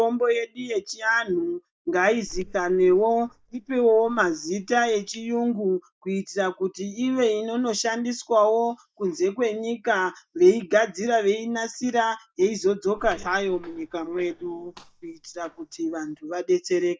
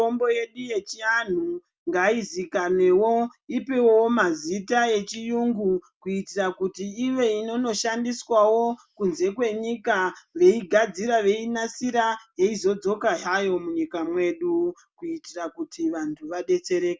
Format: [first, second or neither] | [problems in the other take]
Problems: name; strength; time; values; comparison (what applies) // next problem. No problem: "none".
second | noise reduction (neural mask model DeepFilterNet 3)